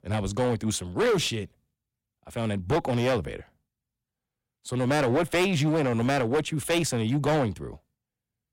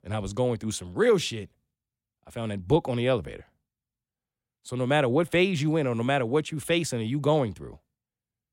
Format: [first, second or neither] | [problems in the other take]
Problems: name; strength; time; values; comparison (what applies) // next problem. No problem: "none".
second | distortion; heavy; 12% of the sound clipped